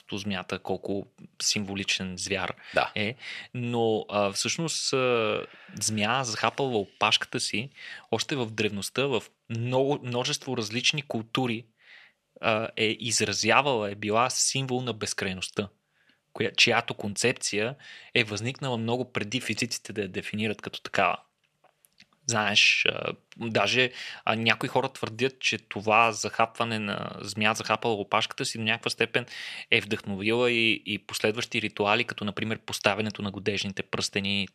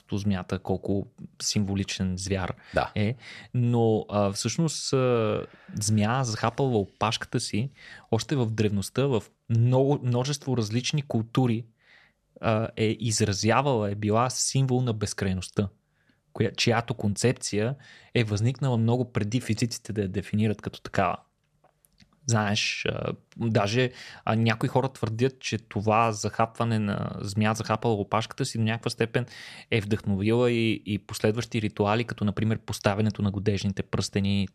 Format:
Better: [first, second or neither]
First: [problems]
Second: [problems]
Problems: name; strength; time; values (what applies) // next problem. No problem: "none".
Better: second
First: thin; very slightly; fading below 800 Hz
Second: none